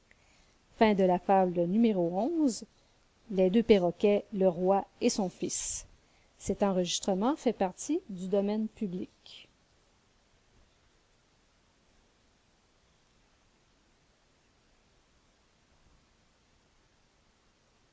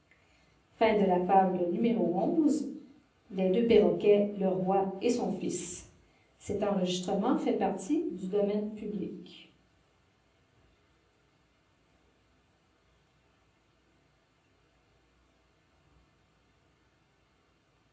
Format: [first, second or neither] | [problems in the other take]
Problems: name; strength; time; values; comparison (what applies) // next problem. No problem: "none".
first | room echo; dies away in 0.6 s